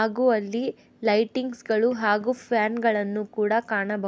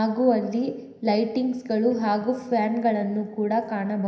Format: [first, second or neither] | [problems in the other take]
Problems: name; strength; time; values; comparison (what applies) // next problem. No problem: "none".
first | room echo; dies away in 0.9 s